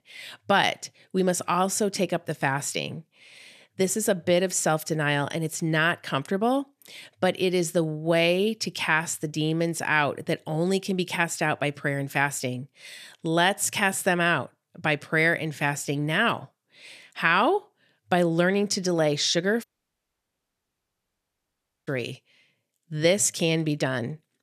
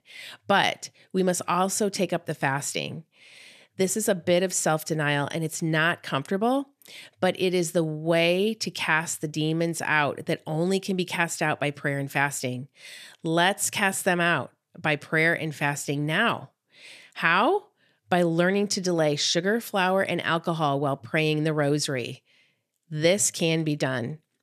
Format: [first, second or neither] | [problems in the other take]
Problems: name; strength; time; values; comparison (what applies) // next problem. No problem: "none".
second | audio cutting out; at 20 s for 2 s